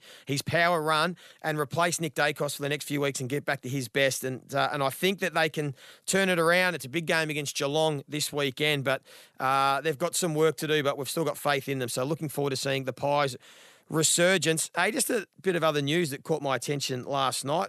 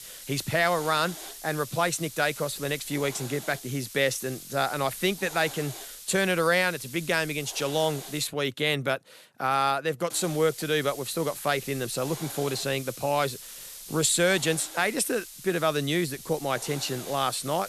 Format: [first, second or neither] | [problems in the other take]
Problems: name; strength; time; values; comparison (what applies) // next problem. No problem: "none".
first | hiss; noticeable; until 8.5 s and from 10 s on; 15 dB below the speech